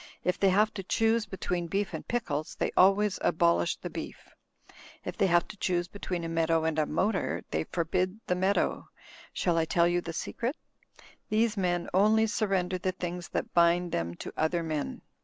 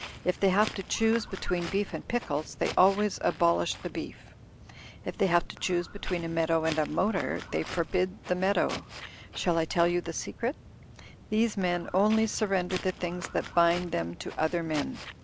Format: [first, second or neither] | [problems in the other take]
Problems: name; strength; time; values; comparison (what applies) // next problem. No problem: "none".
first | background sound (Walk, footsteps); 15 dB below the speech